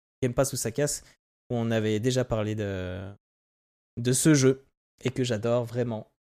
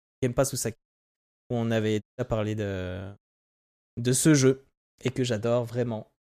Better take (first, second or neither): first